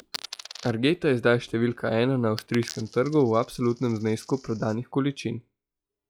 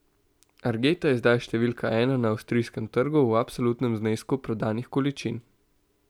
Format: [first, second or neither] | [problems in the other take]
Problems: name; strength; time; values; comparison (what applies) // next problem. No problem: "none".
second | noise reduction (classical method log-MMSE)